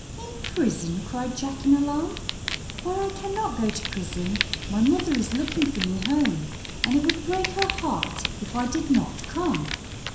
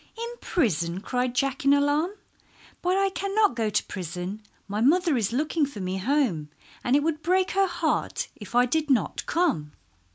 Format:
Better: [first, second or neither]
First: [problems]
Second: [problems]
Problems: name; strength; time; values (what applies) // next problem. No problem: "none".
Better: second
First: background sound (Fire); 6 dB below the speech // room echo; dies away in 0.7 s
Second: none